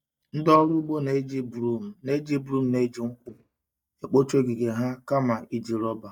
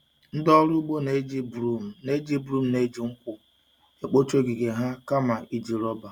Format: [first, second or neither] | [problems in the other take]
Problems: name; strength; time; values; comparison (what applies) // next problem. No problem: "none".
second | noise reduction (neural mask model DeepFilterNet 3)